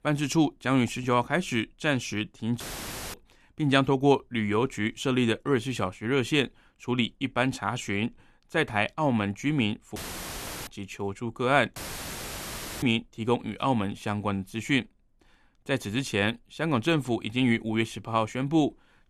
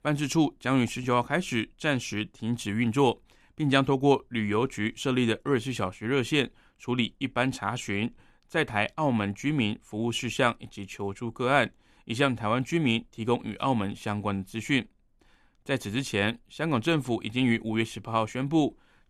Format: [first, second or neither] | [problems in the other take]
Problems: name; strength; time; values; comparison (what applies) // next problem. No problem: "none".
second | audio cutting out; filled with static; at 2.5 s for 0.5 s, at 10 s for 0.5 s and at 12 s for 1 s